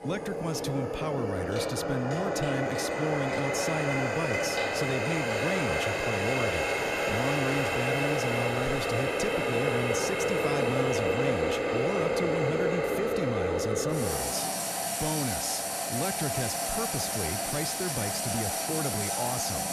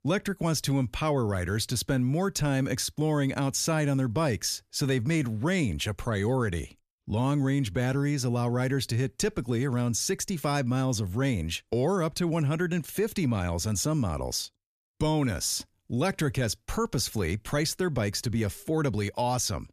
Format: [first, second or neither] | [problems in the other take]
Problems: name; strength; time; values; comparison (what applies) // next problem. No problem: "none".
second | household noises; very loud; throughout; 5 dB above the speech